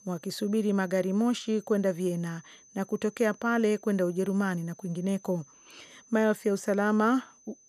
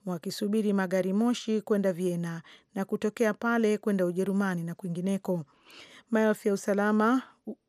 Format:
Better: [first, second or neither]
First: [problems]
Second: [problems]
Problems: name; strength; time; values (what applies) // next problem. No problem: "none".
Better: second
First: high-pitched whine; faint; throughout; 6 kHz, 25 dB below the speech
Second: none